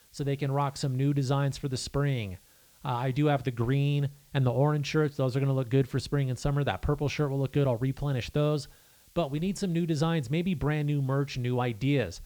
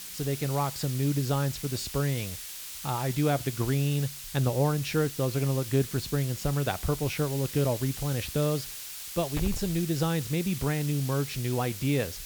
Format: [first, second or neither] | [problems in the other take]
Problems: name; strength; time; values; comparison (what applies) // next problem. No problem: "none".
first | hiss; loud; throughout; 8 dB below the speech; faint in the first